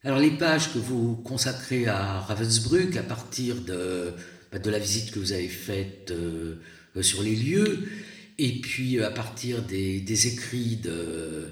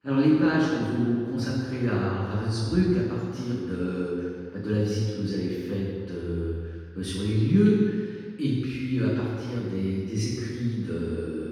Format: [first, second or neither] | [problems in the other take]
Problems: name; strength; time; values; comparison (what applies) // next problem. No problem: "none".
first | room echo; strong; dies away in 1.8 s; slight in the first // off-mic speech; far; somewhat distant in the first